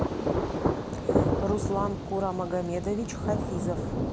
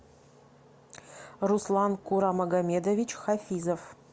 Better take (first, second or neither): second